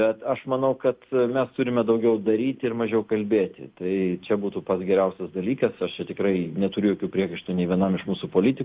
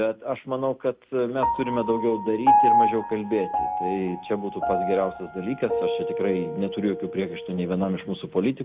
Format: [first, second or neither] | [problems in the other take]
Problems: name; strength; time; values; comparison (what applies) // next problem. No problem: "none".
first | background sound (Piano); as loud as the speech